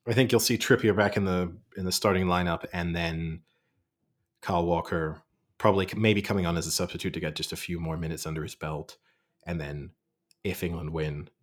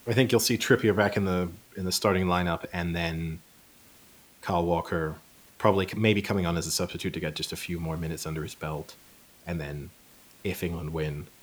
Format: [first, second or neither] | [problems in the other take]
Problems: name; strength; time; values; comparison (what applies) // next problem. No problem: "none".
first | hiss; faint; throughout; 25 dB below the speech